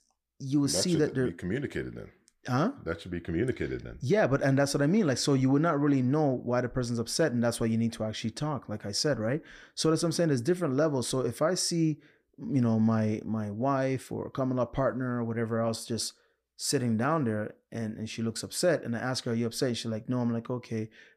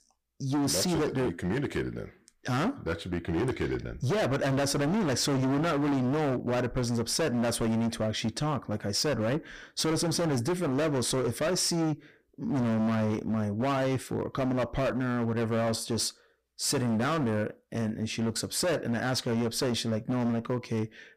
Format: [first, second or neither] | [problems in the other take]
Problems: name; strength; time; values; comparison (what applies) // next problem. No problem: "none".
first | distortion; heavy; 25% of the sound clipped